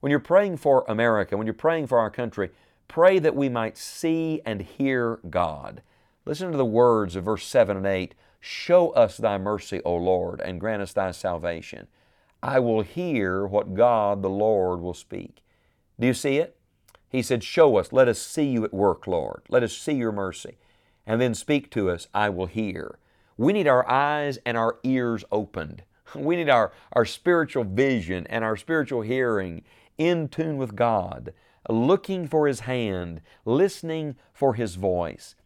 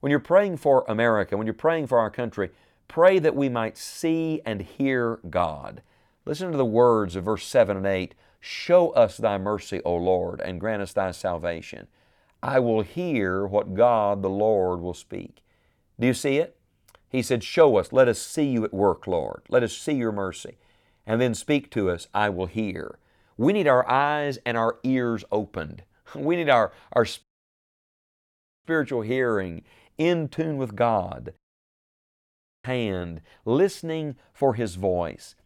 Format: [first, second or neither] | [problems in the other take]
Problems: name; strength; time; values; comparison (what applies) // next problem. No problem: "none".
first | audio cutting out; at 27 s for 1.5 s and at 31 s for 1.5 s